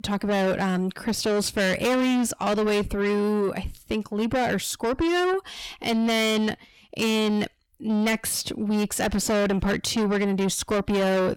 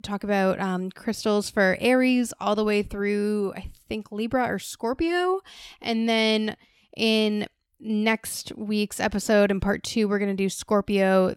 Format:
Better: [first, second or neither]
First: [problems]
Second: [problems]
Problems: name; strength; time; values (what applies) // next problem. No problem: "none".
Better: second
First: distortion; heavy; 6 dB below the speech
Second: none